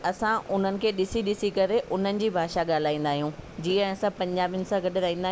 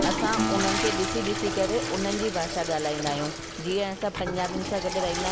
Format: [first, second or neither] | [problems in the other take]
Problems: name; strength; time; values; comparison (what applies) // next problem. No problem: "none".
first | background sound (Acoustic guitar + Toilet flush / Water); 1 dB below the speech